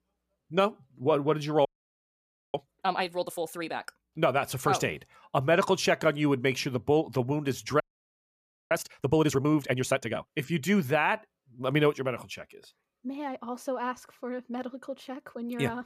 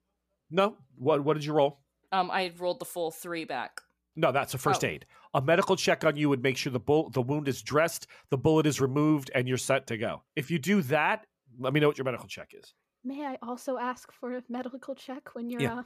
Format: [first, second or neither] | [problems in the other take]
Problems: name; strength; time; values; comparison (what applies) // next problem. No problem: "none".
second | audio freezing; at 1.5 s for 1 s and at 8 s for 1 s